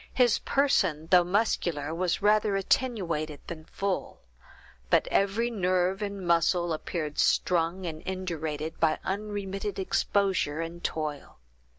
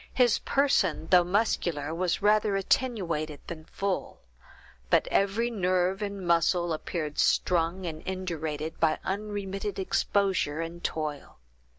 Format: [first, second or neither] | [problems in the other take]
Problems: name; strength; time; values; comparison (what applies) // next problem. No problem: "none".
first | background sound (Boom); 15 dB below the speech